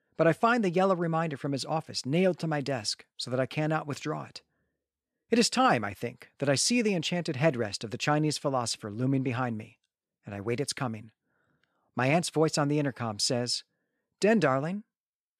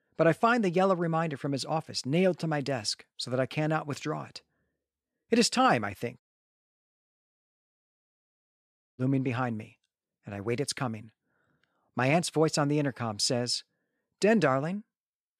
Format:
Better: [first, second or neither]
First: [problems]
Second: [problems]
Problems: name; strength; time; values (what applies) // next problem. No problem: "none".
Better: first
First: none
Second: audio cutting out; at 6 s for 3 s